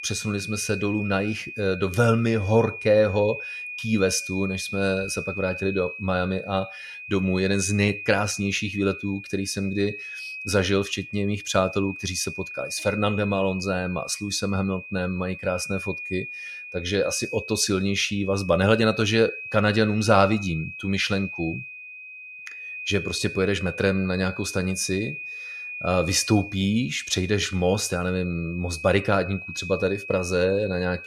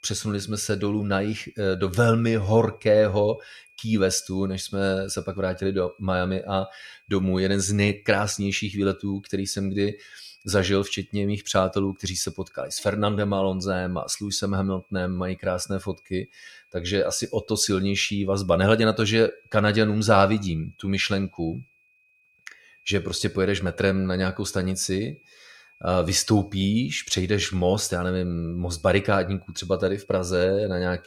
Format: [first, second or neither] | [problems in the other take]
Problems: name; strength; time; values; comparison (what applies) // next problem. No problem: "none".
second | high-pitched whine; loud; throughout; 2.5 kHz, 10 dB below the speech; faint in the second